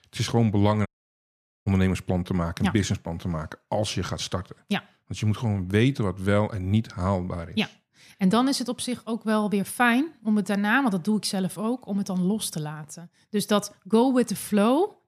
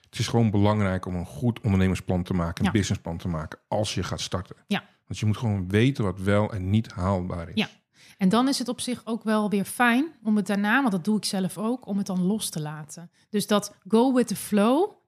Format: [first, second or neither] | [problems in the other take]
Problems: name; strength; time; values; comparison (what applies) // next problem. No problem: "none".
second | audio cutting out; at 1 s for 1 s